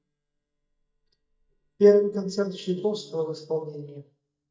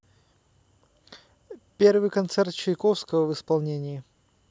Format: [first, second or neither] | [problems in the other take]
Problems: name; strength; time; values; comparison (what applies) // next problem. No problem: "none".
second | noise reduction (neural mask model DeepFilterNet 3)